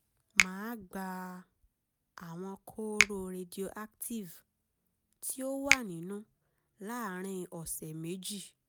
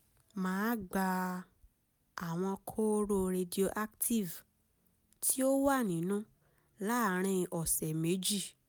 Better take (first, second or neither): second